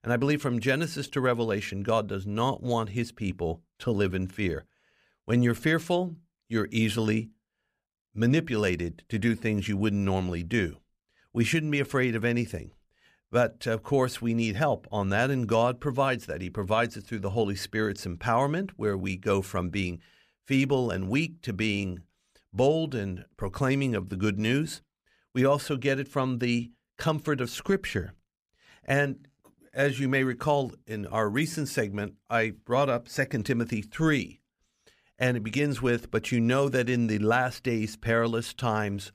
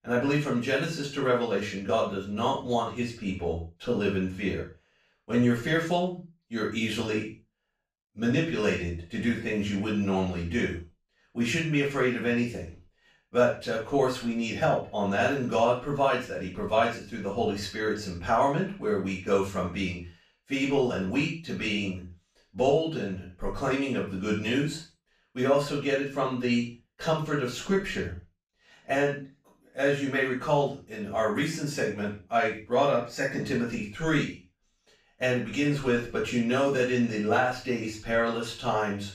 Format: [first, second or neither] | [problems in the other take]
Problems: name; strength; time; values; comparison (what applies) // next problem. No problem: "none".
first | room echo; noticeable; dies away in 0.3 s // off-mic speech; far